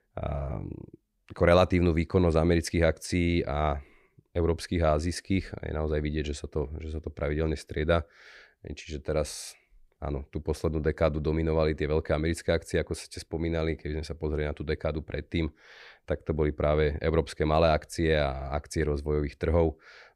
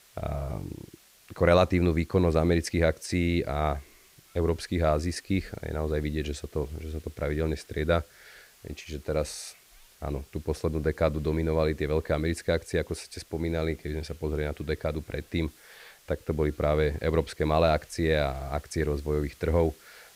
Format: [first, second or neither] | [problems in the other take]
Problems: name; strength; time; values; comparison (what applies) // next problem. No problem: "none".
first | hiss; faint; throughout; 25 dB below the speech